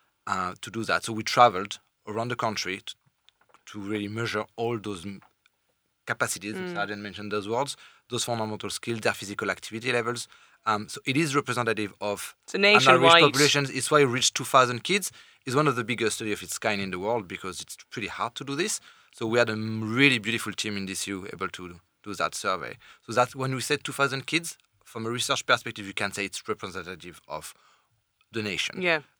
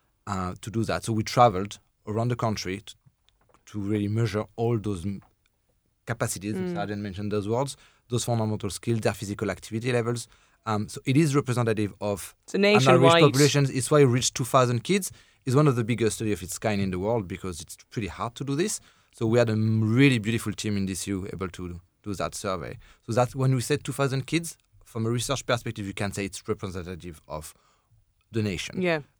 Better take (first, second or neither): second